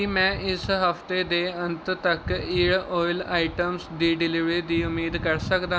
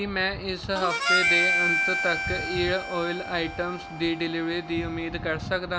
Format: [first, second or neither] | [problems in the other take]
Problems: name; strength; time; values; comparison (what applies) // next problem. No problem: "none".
first | background sound (Harmonica); as loud as the speech